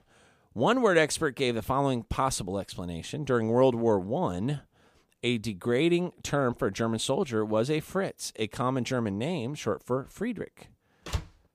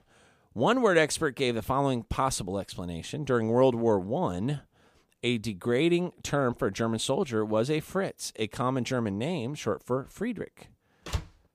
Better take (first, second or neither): neither